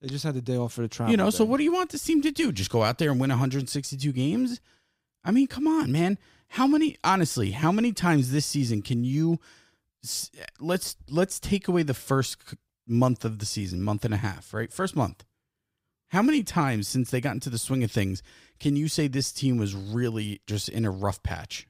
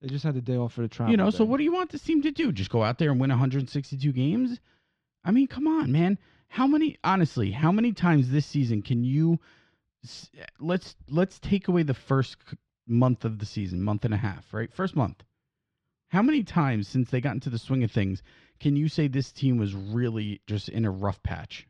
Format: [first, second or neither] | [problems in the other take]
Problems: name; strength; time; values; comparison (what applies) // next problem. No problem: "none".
first | muffled; slightly; fading above 4 kHz